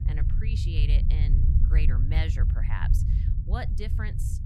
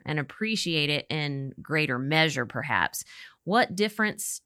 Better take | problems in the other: second | low rumble; loud; throughout; 3 dB below the speech

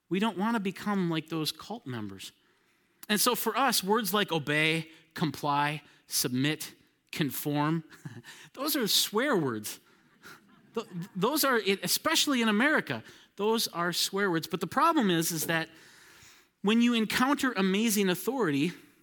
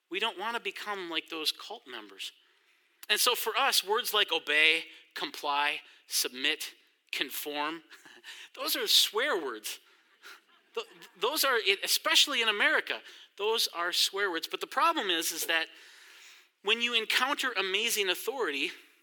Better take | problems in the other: first | thin; very; fading below 400 Hz

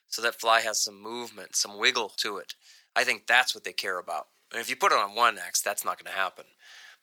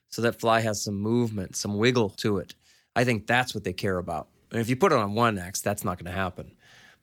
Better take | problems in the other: second | thin; very; fading below 850 Hz

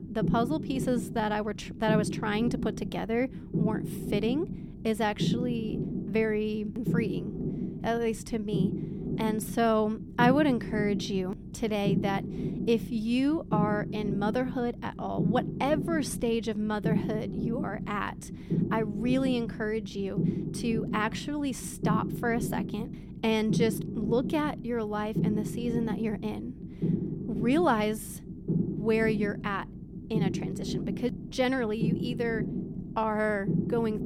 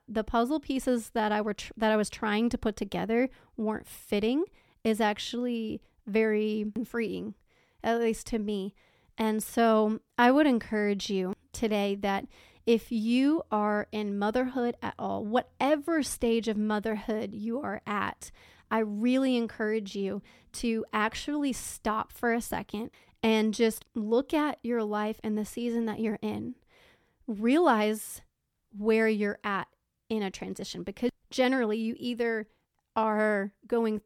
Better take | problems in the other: second | low rumble; loud; throughout; 9 dB below the speech

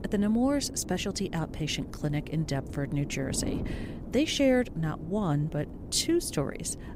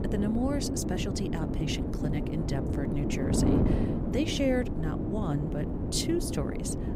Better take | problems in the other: first | wind noise on the microphone; heavy; 1 dB below the speech; occasional gusts in the first

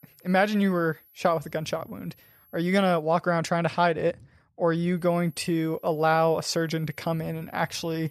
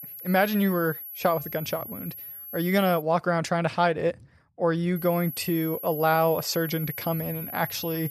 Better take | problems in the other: first | high-pitched whine; loud; until 3 s and from 5 s on; 11.5 kHz, 10 dB below the speech; faint in the first

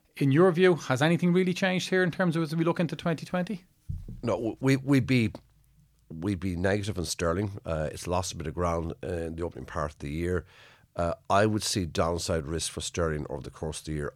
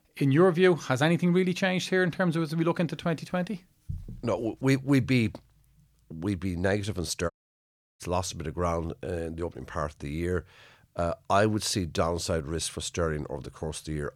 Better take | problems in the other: first | audio cutting out; at 7.5 s for 0.5 s

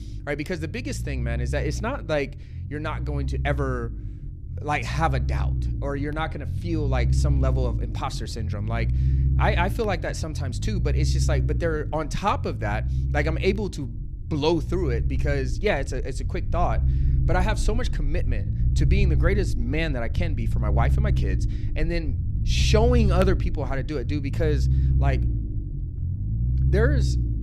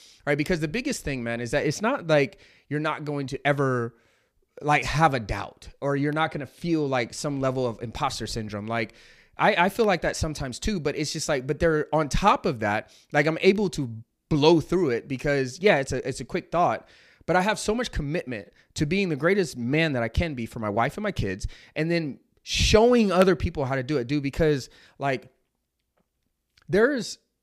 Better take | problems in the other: second | low rumble; noticeable; throughout; 10 dB below the speech

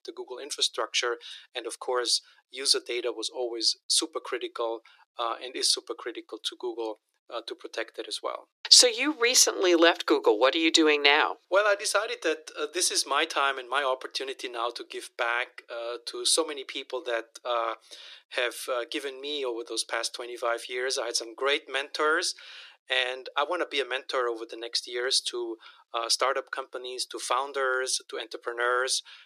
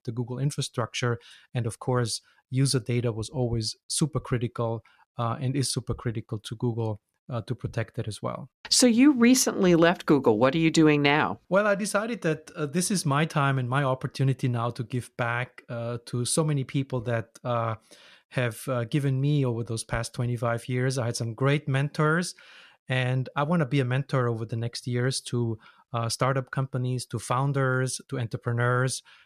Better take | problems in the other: second | thin; very; fading below 350 Hz

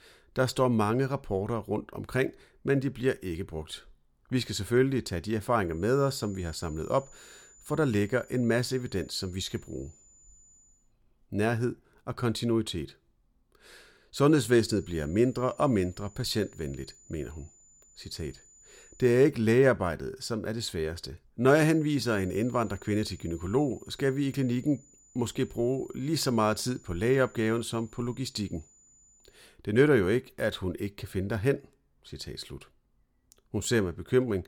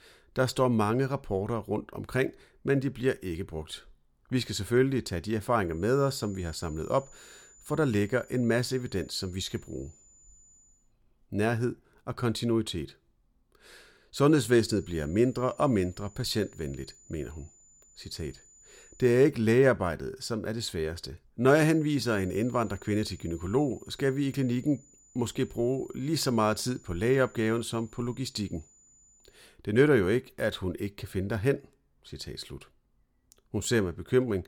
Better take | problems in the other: neither | high-pitched whine; faint; from 6 to 11 s, from 14 to 19 s and from 22 to 29 s; 7 kHz, 25 dB below the speech; the same in both

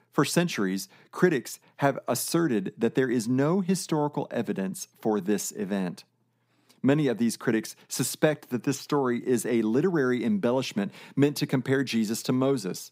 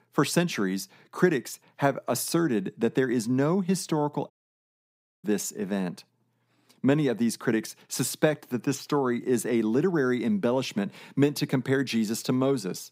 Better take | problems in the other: first | audio cutting out; at 4.5 s for 1 s

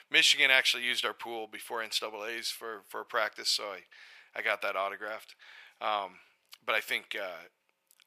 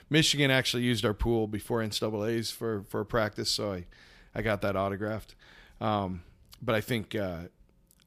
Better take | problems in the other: second | thin; very; fading below 850 Hz

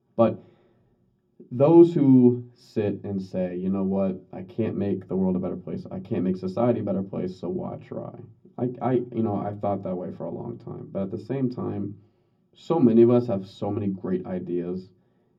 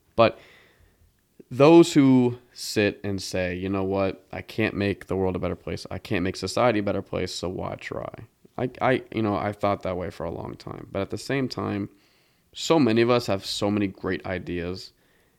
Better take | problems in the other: second | room echo; very slight; dies away in 0.4 s // off-mic speech; far

